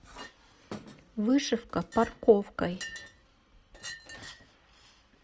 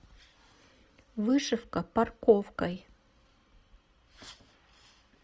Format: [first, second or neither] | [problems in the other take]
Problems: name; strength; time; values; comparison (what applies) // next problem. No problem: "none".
second | background sound (Chink, clink); 17 dB below the speech